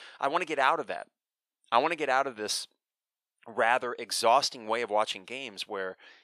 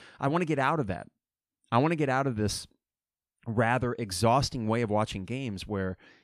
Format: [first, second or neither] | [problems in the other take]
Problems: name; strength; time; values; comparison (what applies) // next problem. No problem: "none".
second | thin; very; fading below 600 Hz